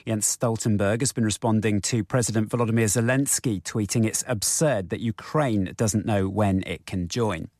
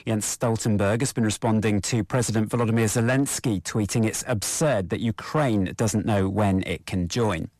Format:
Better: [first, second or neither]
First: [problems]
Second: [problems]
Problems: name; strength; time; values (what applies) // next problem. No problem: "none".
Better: first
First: none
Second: distortion; slight; 10 dB below the speech